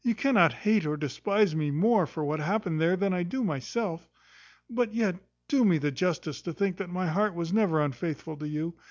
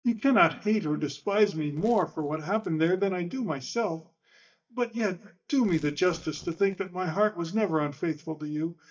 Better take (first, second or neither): first